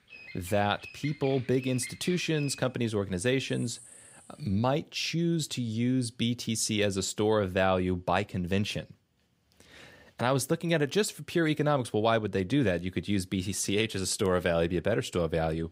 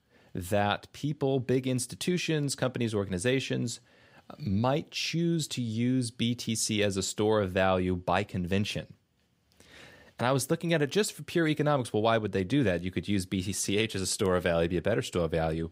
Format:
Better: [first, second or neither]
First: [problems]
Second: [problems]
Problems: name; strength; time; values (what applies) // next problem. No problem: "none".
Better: second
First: animal sounds; noticeable; until 4 s; 15 dB below the speech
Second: none